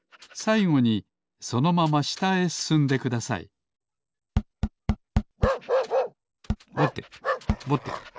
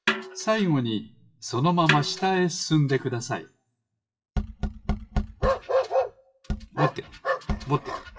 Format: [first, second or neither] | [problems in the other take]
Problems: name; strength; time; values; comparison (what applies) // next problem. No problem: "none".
first | noise reduction (classical method WPE with log-MMSE)